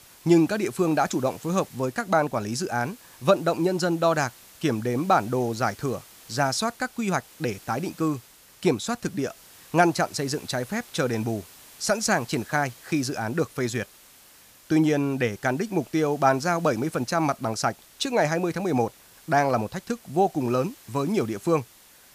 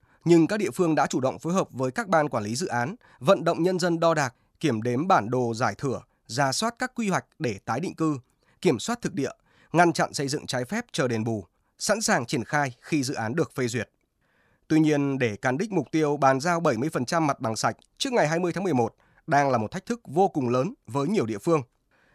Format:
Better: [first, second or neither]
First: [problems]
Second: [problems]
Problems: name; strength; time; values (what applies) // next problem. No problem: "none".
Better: second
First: hiss; faint; throughout; 20 dB below the speech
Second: none